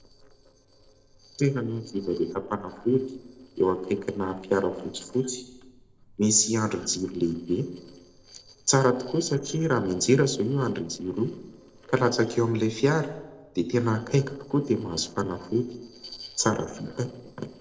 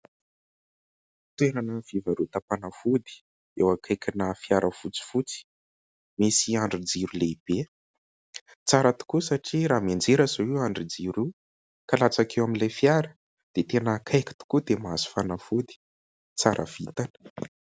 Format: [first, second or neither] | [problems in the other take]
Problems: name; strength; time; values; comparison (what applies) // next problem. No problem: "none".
second | noise reduction (neural separator model SepFormer DNS4)